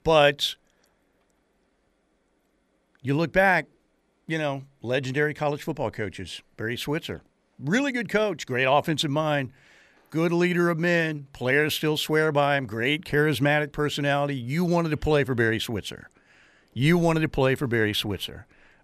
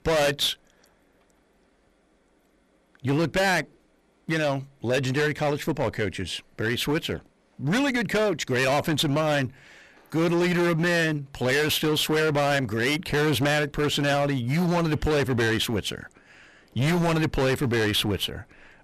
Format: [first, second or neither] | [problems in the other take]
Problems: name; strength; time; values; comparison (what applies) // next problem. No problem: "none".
first | distortion; heavy; 18% of the sound clipped